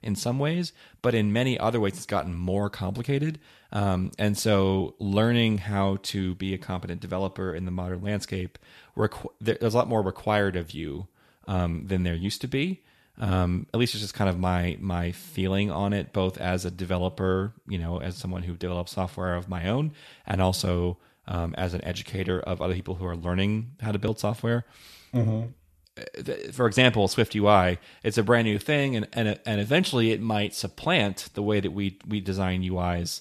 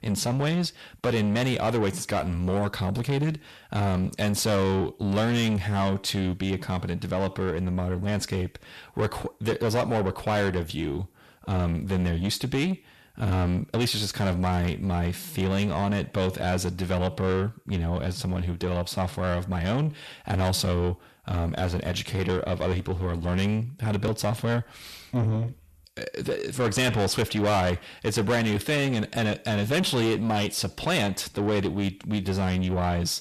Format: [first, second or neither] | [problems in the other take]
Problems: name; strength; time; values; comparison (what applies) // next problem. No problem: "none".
first | distortion; heavy; 7 dB below the speech